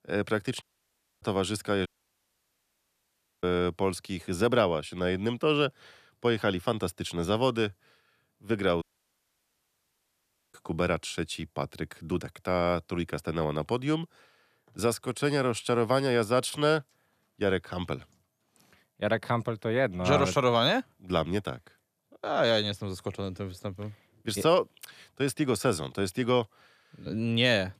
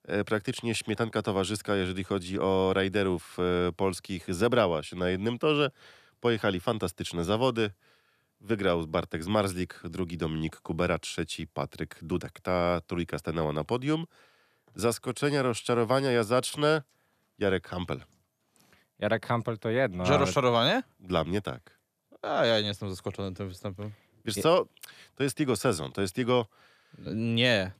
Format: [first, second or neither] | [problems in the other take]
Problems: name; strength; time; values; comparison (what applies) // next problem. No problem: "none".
second | audio cutting out; at 0.5 s for 0.5 s, at 2 s for 1.5 s and at 9 s for 1.5 s